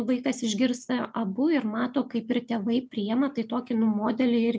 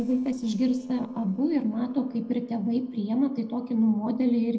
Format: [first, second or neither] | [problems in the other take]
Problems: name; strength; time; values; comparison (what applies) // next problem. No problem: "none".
first | noise reduction (neural separator model SepFormer DNS4)